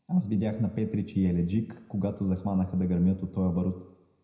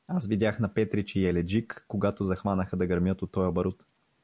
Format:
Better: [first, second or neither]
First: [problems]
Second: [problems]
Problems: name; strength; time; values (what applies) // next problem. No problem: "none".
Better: second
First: room echo; dies away in 0.8 s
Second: none